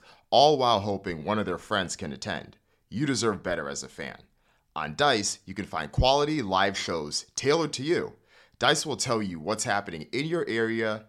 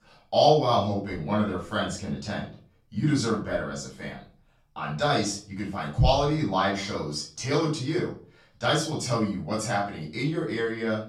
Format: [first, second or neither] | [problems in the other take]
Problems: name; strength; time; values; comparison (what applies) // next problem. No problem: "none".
first | off-mic speech; far // room echo; noticeable; dies away in 0.4 s